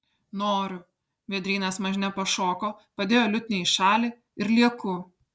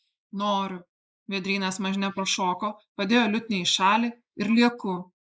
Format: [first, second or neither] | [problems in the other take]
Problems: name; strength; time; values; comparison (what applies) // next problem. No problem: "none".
first | noise reduction (neural mask model Resemble Enhance denoiser)